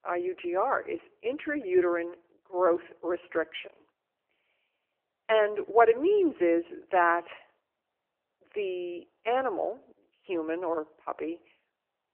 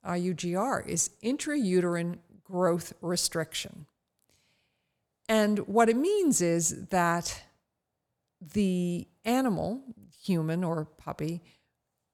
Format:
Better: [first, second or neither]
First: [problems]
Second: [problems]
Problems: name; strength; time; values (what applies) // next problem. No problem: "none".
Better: second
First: phone-call audio; poor line; nothing above 3 kHz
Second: none